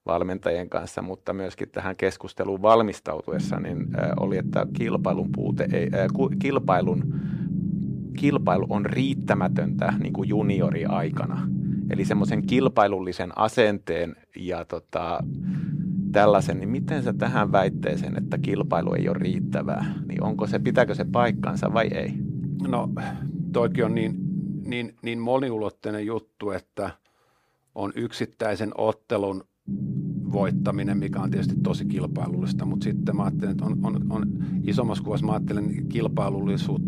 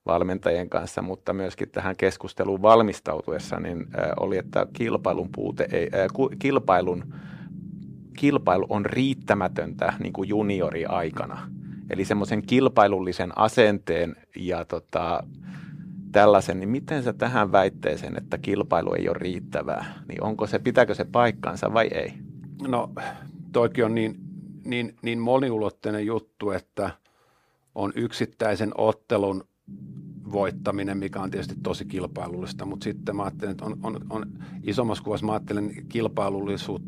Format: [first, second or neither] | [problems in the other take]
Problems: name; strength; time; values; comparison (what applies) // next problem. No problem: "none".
second | low rumble; loud; from 3.5 to 13 s, from 15 to 25 s and from 30 s on; 9 dB below the speech; faint in the second